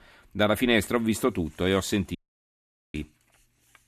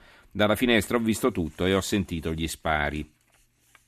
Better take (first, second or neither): second